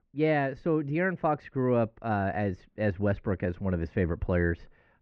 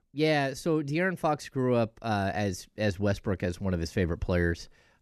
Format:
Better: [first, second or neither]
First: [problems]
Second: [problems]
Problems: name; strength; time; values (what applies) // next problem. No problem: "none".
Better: second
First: muffled; very; fading above 2 kHz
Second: none